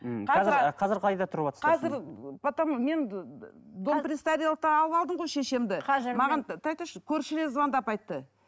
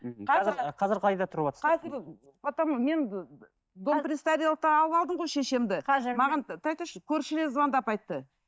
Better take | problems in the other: first | noise reduction (neural mask model DeepFilterNet 3)

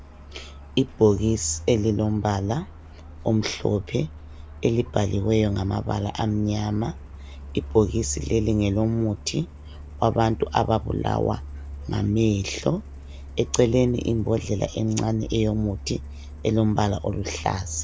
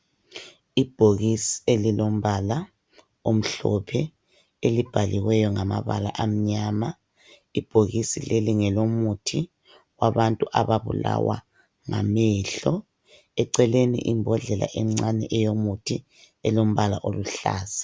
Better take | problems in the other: second | background sound (Truck); 13 dB below the speech

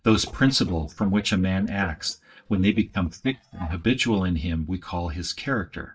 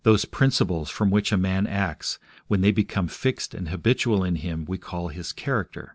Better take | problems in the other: second | noise reduction (neural mask model DeepFilterNet 3)

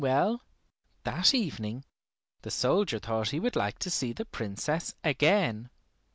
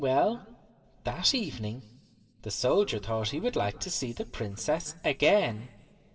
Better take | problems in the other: first | room echo; dies away in 1.8 s

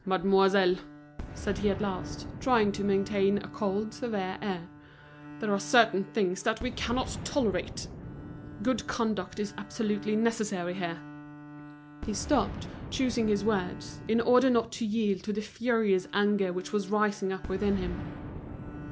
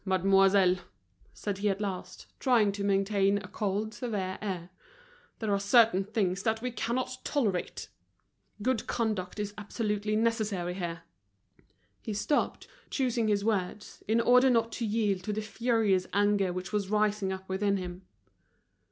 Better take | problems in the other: second | background sound (Bowed string instrument + Boom); 12 dB below the speech

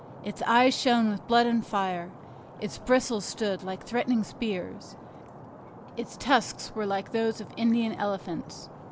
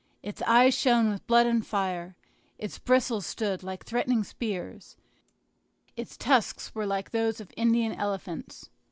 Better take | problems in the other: second | background sound (Stream); 17 dB below the speech

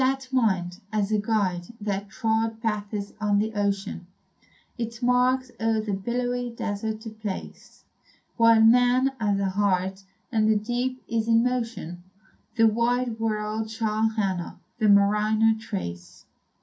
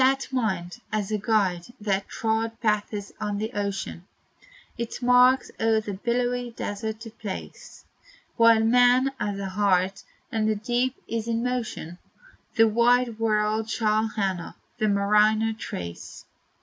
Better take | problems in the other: second | room echo; dies away in 0.3 s

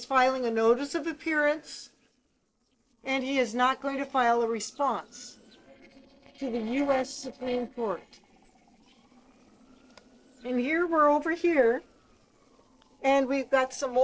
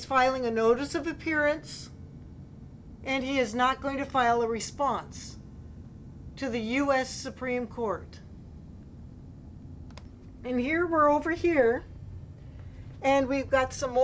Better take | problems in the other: second | noise reduction (neural separator model SepFormer DNS4)

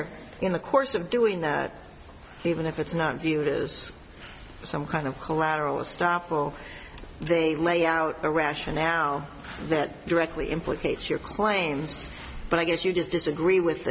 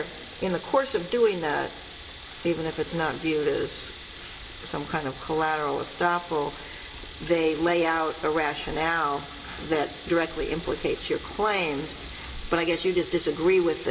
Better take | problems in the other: first | background sound (Tools); 17 dB below the speech // room echo; dies away in 0.3 s

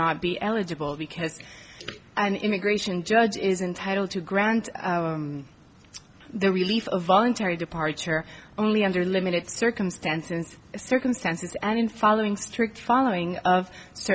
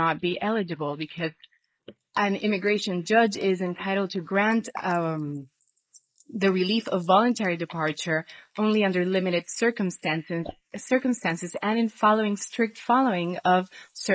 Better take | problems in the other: first | noise reduction (neural mask model Resemble Enhance denoiser)

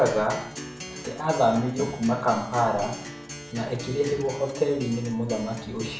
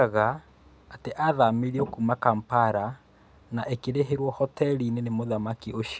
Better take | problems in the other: second | background sound (Acoustic guitar); 12 dB below the speech // room echo; dies away in 0.5 s

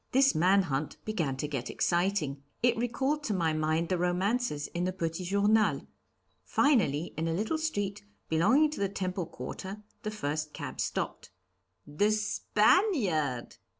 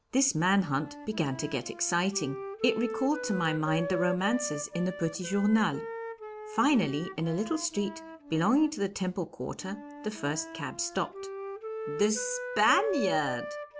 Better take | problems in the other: first | background sound (Wind instrument, woodwind instrument); 9 dB below the speech

